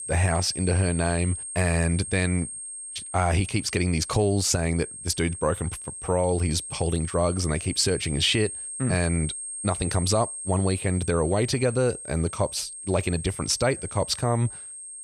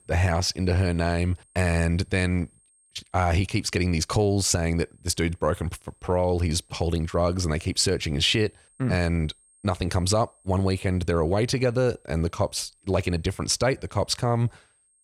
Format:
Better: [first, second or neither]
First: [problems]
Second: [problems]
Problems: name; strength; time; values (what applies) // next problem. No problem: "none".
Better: second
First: high-pitched whine; loud; throughout; 8.5 kHz, 9 dB below the speech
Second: high-pitched whine; faint; throughout; 8.5 kHz, 35 dB below the speech